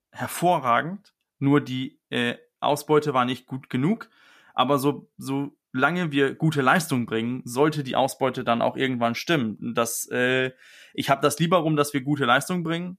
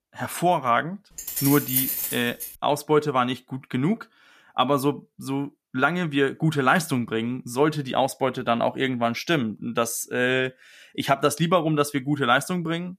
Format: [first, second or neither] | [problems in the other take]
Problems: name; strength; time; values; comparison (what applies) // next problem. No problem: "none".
first | jangling keys; loud; from 1 to 2.5 s; peak 2 dB above the speech